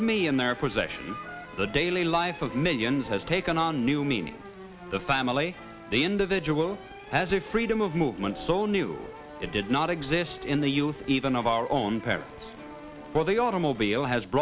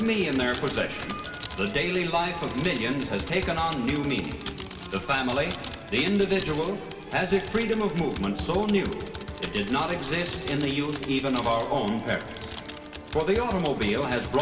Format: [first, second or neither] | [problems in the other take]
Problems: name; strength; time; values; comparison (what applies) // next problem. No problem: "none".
first | background sound (Typing); 13 dB below the speech // room echo; dies away in 2.3 s